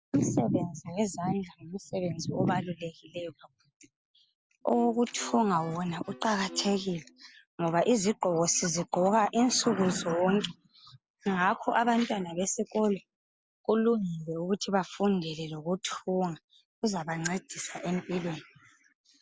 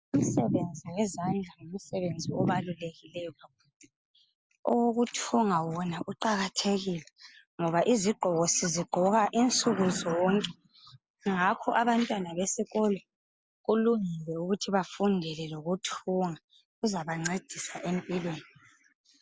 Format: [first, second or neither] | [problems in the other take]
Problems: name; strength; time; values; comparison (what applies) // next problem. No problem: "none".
second | background sound (Bowed string instrument); 18 dB below the speech